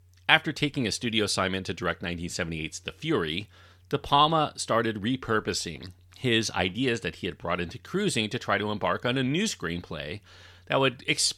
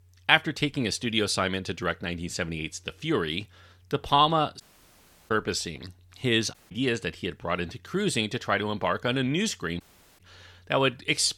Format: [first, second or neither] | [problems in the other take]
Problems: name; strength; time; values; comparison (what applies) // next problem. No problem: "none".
first | audio cutting out; at 4.5 s for 0.5 s, at 6.5 s and at 10 s